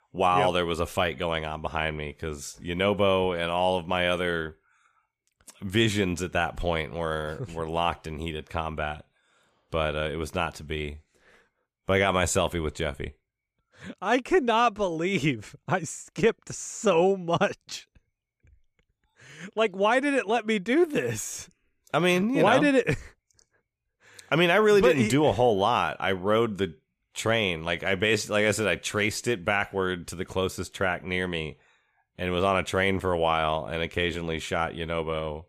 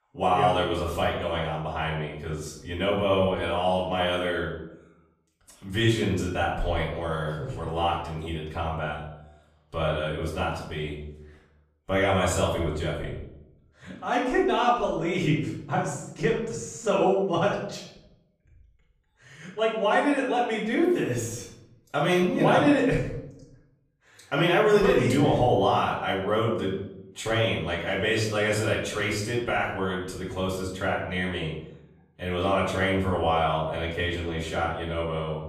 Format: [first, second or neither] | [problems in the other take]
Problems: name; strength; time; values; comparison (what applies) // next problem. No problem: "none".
first | room echo; noticeable; dies away in 0.7 s // off-mic speech; far